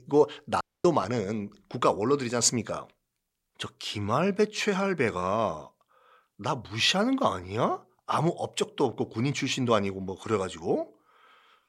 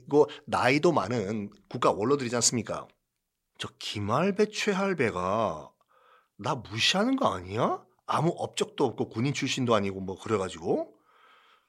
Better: second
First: audio cutting out; at 0.5 s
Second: none

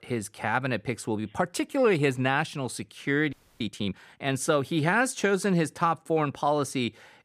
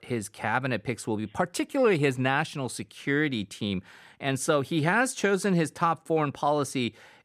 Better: second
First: audio freezing; at 3.5 s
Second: none

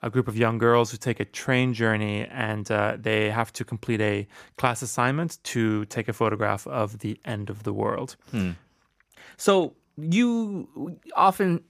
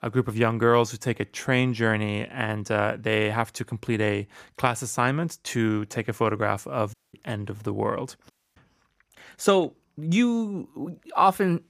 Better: first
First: none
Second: audio cutting out; at 7 s and at 8.5 s

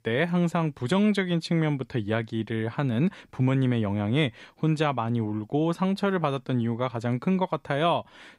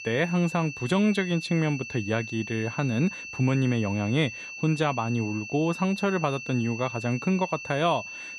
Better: first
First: none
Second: high-pitched whine; loud; throughout; 2.5 kHz, 10 dB below the speech

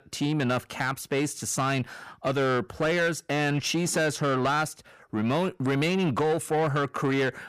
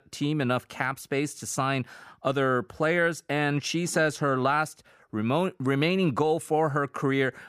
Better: second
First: distortion; slight; 10 dB below the speech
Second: none

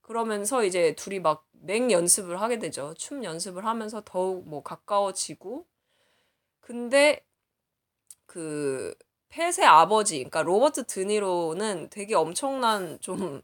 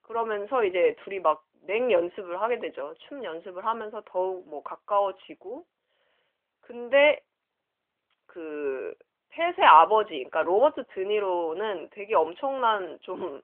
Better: first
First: none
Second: phone-call audio; nothing above 3 kHz

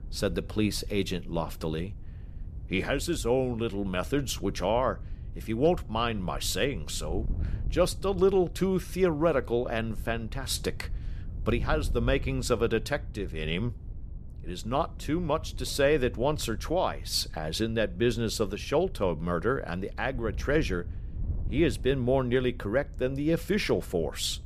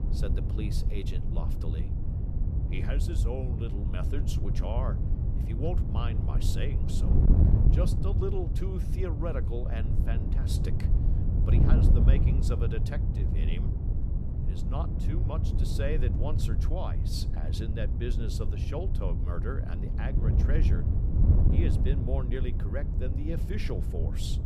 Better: first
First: wind noise on the microphone; occasional gusts; 25 dB below the speech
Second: wind noise on the microphone; heavy; 2 dB below the speech

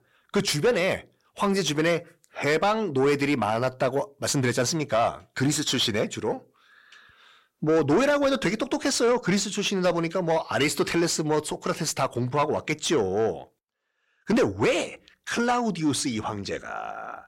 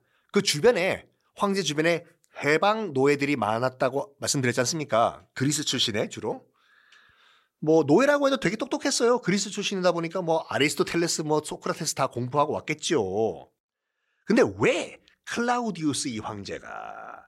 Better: second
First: distortion; slight; 10 dB below the speech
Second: none

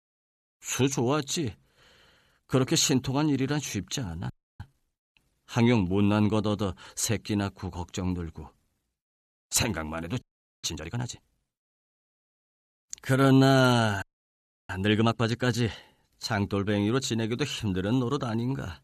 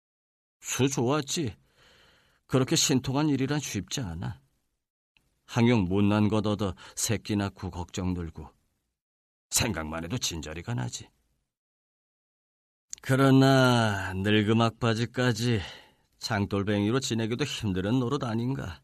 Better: second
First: audio freezing; at 4.5 s, at 10 s and at 14 s for 0.5 s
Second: none

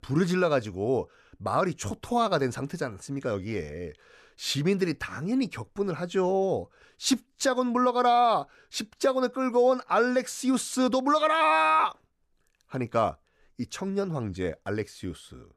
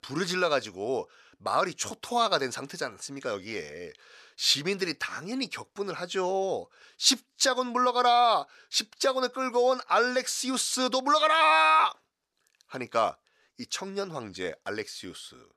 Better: first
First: none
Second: thin; somewhat; fading below 750 Hz

